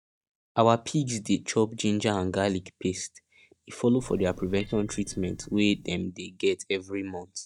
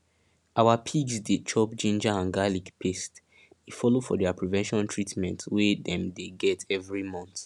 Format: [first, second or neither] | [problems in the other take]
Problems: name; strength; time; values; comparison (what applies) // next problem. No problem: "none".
second | noise reduction (neural mask model DeepFilterNet 3)